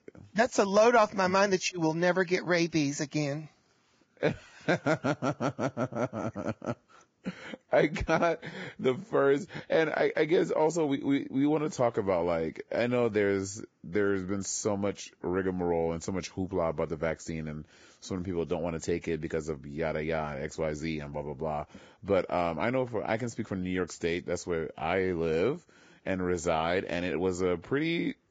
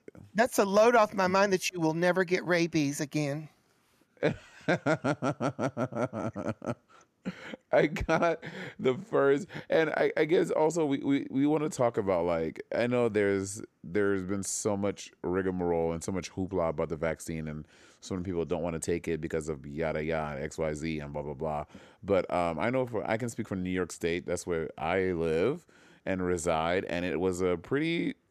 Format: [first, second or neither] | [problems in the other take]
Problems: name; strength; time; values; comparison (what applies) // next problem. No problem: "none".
second | garbled, watery; badly; nothing above 7.5 kHz